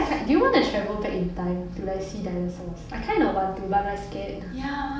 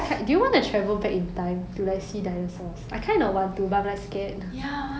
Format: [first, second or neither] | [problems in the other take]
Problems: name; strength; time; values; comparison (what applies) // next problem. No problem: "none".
second | room echo; dies away in 0.5 s